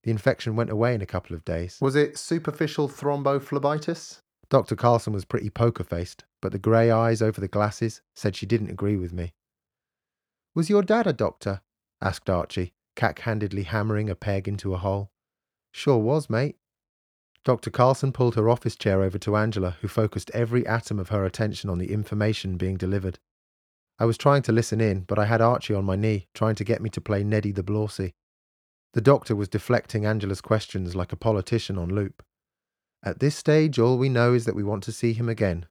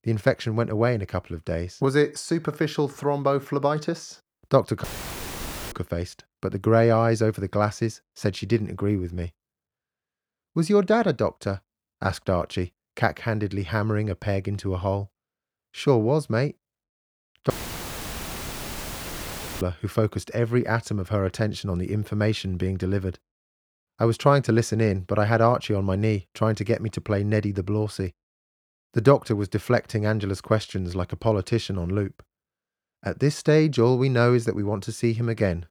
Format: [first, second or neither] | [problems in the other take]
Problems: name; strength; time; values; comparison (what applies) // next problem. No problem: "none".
first | audio cutting out; filled with static; at 5 s for 1 s and at 18 s for 2 s